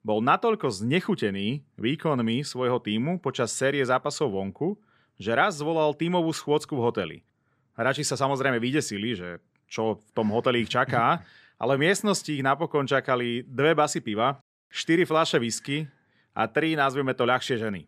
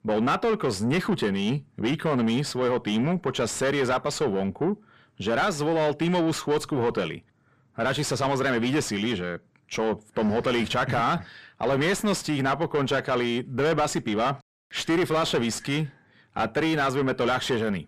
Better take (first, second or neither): first